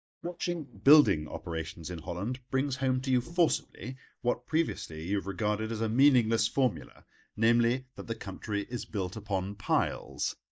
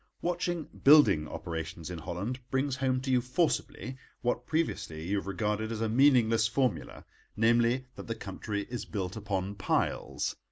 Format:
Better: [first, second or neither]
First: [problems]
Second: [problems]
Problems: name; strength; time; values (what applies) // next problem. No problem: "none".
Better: second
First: noise reduction (neural mask model DeepFilterNet 3)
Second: none